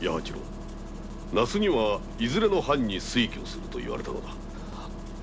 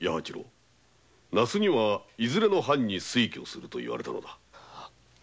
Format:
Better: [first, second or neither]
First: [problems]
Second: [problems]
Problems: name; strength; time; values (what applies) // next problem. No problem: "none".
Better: second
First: background sound (Engine starting); 8 dB below the speech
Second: none